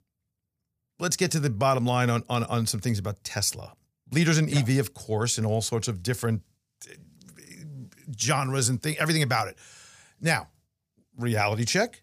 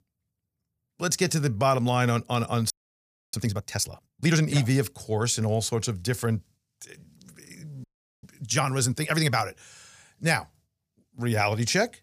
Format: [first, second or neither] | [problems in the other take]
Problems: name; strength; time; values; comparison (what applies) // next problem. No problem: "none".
first | audio freezing; at 2.5 s for 0.5 s and at 8 s